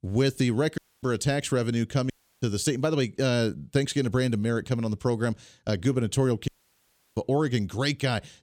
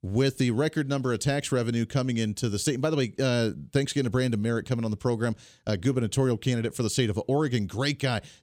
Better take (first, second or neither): second